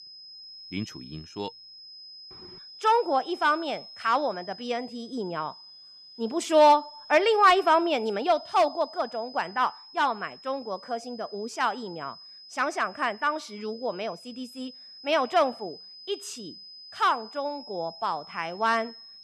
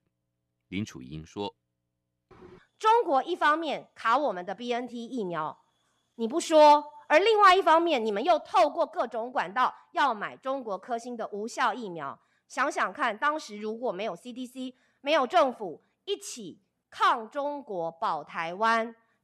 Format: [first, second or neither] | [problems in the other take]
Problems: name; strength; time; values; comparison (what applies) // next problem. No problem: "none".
second | high-pitched whine; noticeable; throughout; 5 kHz, 20 dB below the speech